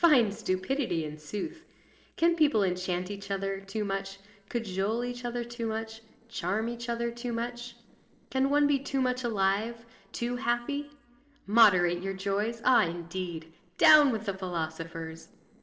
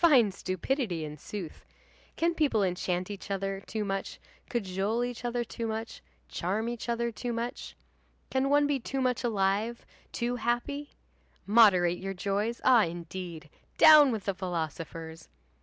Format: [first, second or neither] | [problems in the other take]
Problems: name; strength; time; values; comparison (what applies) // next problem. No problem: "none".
second | noise reduction (neural separator model SepFormer DNS4)